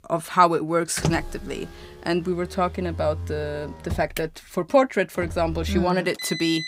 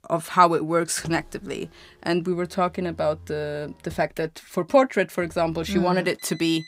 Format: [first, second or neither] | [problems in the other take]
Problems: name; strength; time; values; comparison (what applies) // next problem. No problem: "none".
second | traffic noise; loud; throughout; 10 dB below the speech; faint in the second